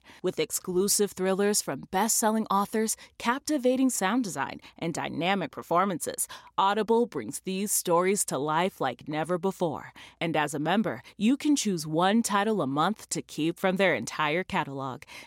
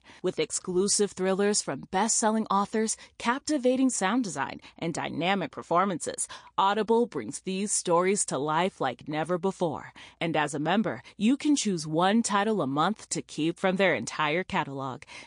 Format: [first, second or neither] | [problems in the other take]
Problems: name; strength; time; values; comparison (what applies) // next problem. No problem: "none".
first | garbled, watery; slightly; nothing above 9 kHz